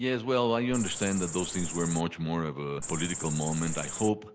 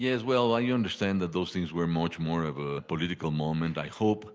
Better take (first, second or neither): second